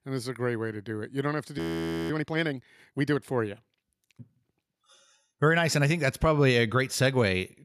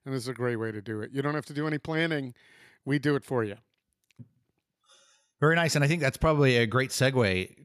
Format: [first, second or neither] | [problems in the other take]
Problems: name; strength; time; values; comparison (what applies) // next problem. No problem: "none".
second | audio freezing; at 1.5 s for 0.5 s